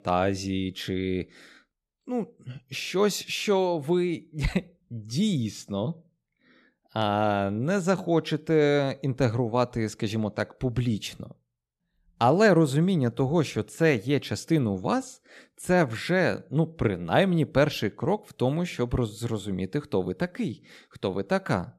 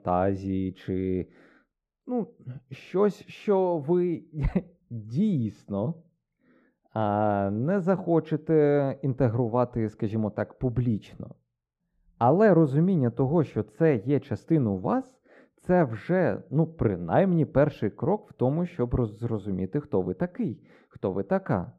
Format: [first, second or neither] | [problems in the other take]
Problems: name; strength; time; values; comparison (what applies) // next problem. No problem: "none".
first | muffled; very; fading above 2 kHz